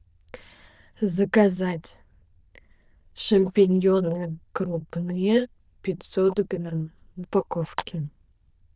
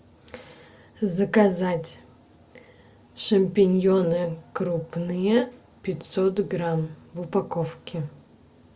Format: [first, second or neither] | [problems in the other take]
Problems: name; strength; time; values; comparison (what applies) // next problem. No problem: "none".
second | noise reduction (neural diffusion model UNIVERSE++)